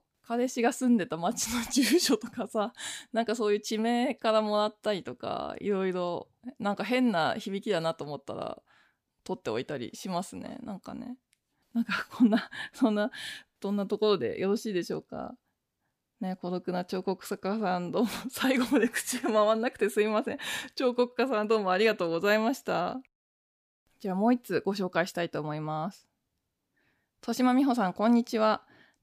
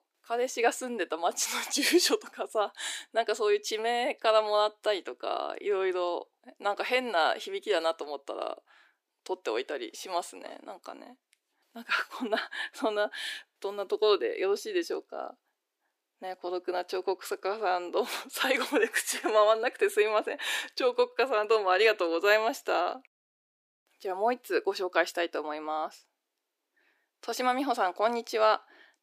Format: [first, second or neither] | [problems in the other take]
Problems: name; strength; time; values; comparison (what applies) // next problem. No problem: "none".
first | thin; very; fading below 350 Hz